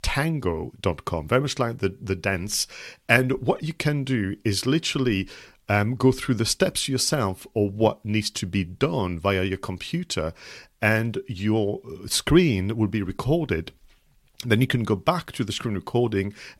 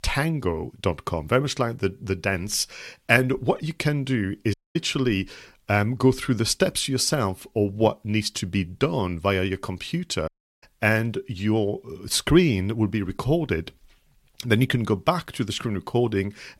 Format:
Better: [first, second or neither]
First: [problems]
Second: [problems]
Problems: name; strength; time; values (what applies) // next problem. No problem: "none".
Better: first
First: none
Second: audio cutting out; at 4.5 s and at 10 s